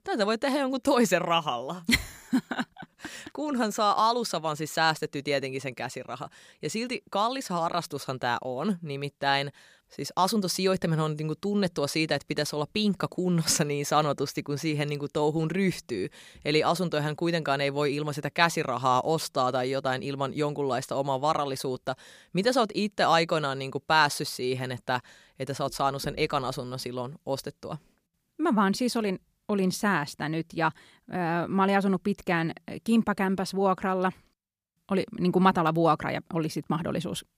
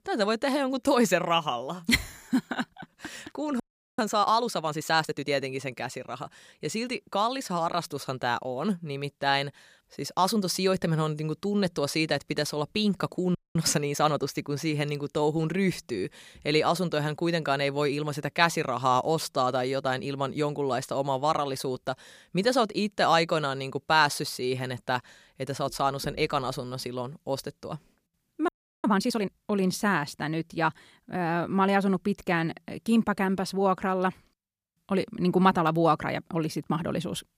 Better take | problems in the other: first | audio freezing; at 3.5 s, at 13 s and at 28 s

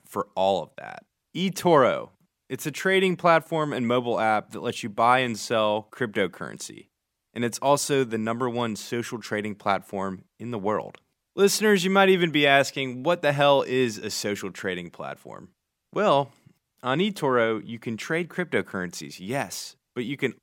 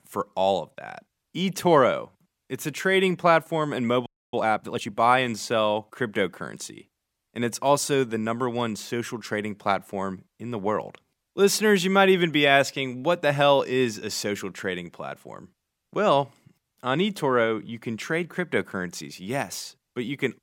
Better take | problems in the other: first | audio freezing; at 4 s

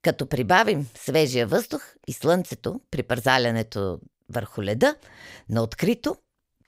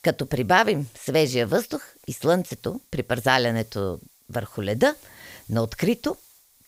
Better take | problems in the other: first | hiss; faint; throughout; 25 dB below the speech

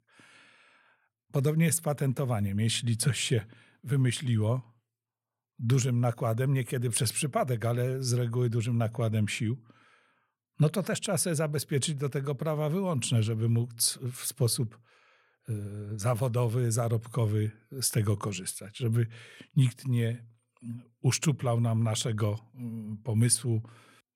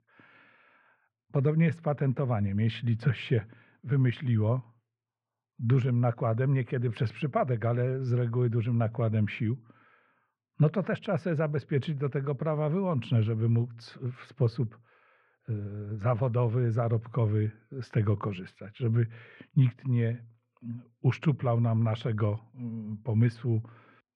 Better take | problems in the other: first | muffled; very; fading above 2.5 kHz

